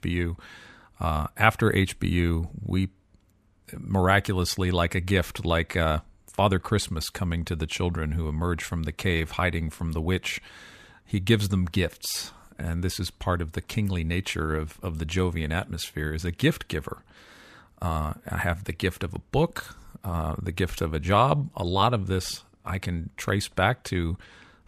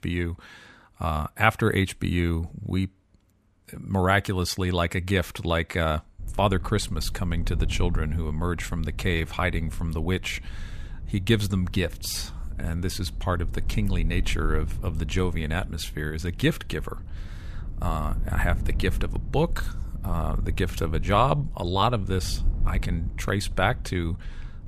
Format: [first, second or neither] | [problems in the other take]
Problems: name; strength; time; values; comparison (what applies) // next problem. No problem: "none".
first | low rumble; faint; from 6 s on; 20 dB below the speech